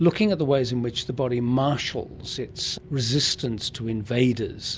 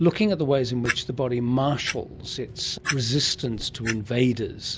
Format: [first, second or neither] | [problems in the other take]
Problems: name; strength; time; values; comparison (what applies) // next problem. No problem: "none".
first | background sound (Clock); 12 dB below the speech